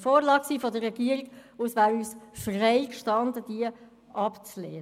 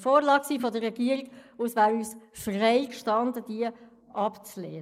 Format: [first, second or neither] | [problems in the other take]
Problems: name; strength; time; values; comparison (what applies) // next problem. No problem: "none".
first | noise reduction (neural mask model Resemble Enhance denoiser)